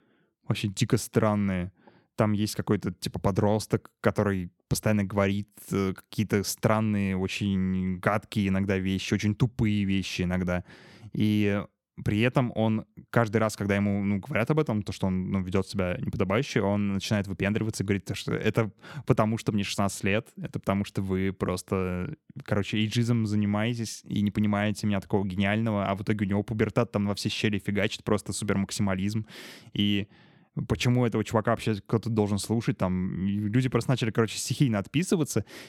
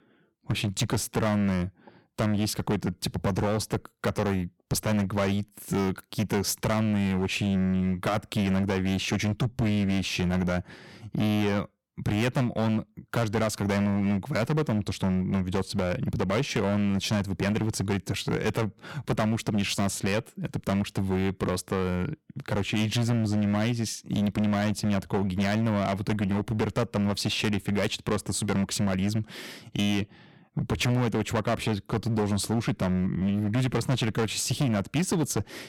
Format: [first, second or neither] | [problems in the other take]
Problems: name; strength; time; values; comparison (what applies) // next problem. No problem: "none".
first | distortion; heavy; 16% of the sound clipped